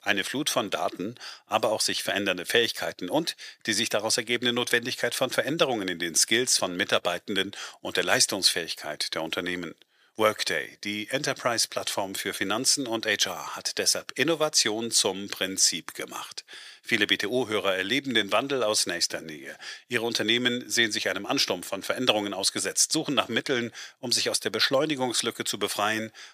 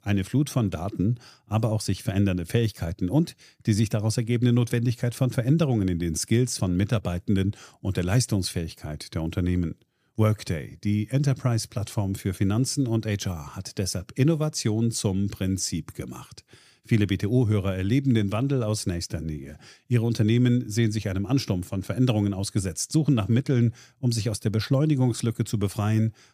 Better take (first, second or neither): second